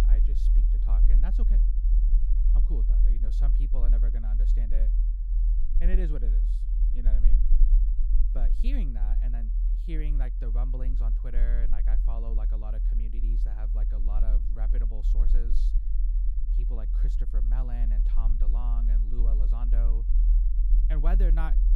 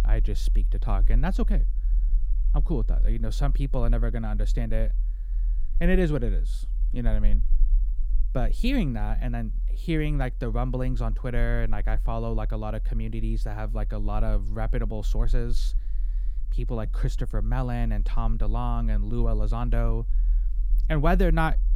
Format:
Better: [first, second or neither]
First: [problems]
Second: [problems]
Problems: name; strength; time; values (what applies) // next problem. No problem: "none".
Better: second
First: low rumble; loud; throughout; 5 dB below the speech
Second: low rumble; faint; throughout; 20 dB below the speech